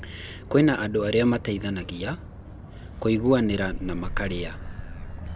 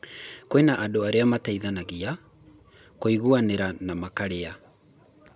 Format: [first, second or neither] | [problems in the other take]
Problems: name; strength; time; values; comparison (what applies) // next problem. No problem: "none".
second | background sound (Motor vehicle (road)); 10 dB below the speech